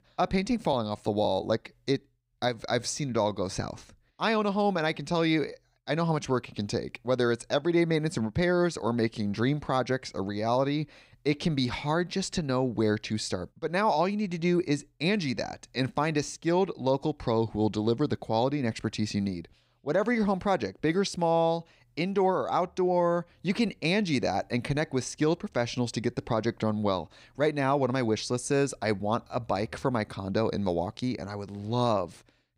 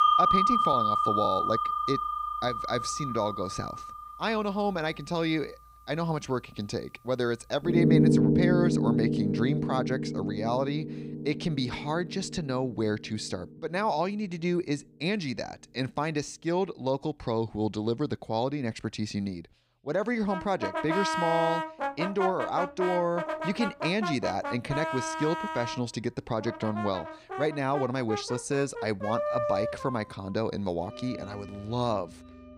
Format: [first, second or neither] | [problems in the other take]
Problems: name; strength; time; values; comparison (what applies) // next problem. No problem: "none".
first | background music; very loud; throughout; 1 dB above the speech